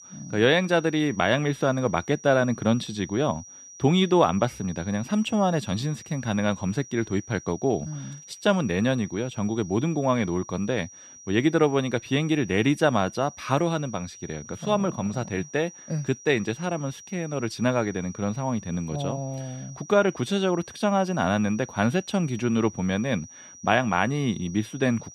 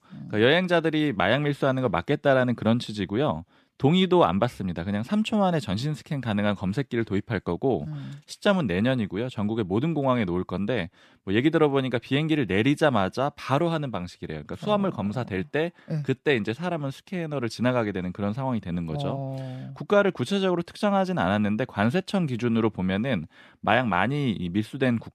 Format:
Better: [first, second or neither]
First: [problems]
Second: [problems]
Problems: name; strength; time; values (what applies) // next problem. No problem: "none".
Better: second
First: high-pitched whine; noticeable; throughout; 6 kHz, 20 dB below the speech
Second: none